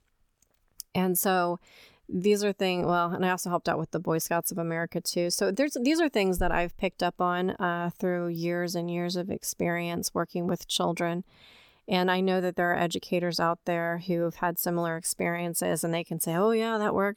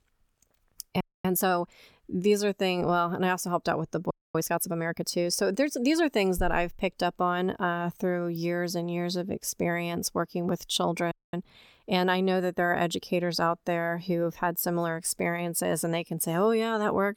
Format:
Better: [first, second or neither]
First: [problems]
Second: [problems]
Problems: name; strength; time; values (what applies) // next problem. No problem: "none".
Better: first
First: none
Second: audio freezing; at 1 s, at 4 s and at 11 s